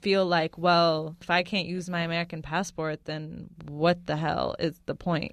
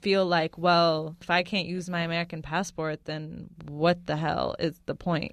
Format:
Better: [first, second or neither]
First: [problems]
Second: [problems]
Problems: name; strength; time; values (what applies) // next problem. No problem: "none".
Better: neither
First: none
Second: none